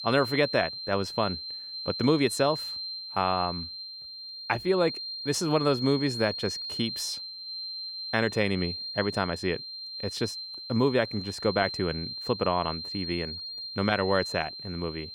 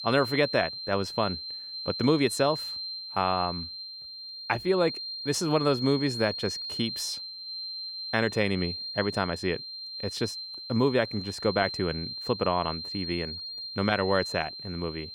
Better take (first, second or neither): neither